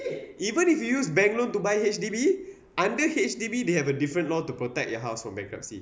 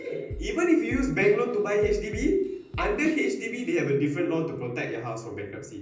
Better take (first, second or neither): first